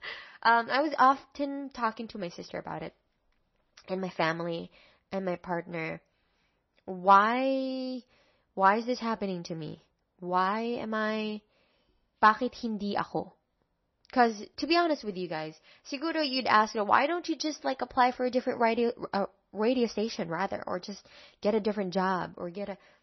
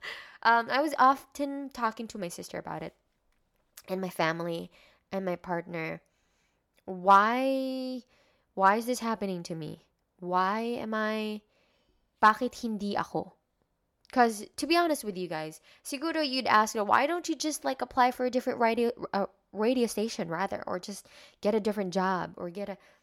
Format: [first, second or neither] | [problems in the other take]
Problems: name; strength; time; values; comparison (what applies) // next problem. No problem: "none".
second | garbled, watery; slightly; nothing above 6 kHz